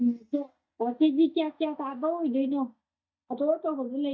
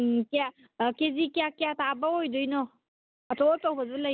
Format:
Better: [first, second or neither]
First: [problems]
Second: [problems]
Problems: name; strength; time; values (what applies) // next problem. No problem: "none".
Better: second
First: noise reduction (neural mask model DeepFilterNet 3)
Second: none